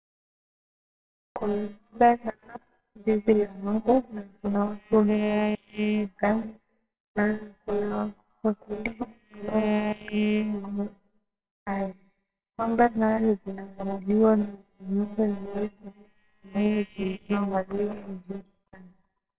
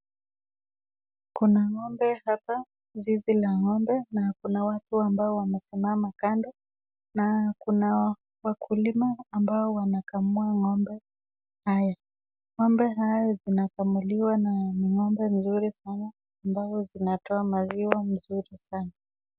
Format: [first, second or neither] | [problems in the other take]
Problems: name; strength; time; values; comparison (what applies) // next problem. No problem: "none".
second | noise reduction (neural separator model SepFormer WHAMR!)